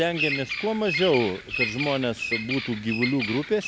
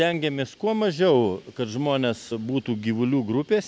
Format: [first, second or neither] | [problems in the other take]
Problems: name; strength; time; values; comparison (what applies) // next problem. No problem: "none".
second | background sound (Bird vocalization, bird call, bird song); 5 dB below the speech